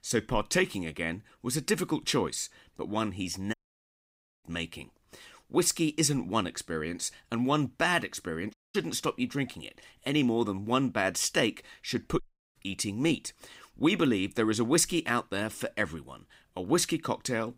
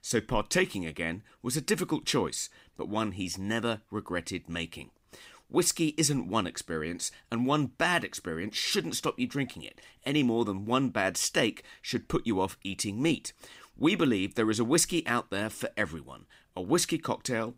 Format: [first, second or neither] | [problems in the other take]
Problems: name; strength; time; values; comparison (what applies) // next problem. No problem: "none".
second | audio cutting out; at 3.5 s for 1 s, at 8.5 s and at 12 s